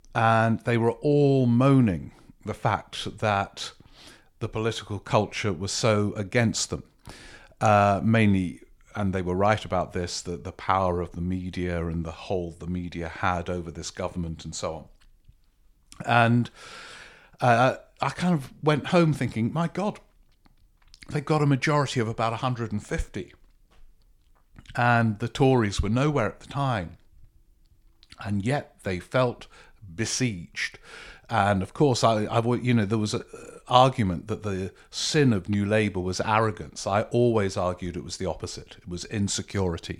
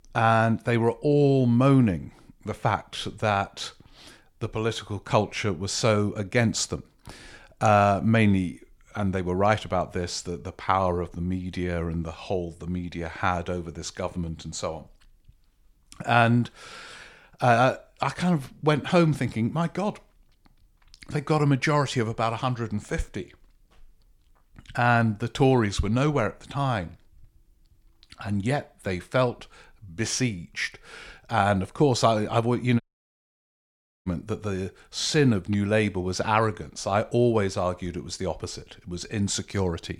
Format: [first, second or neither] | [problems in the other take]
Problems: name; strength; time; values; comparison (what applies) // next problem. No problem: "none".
first | audio cutting out; at 33 s for 1.5 s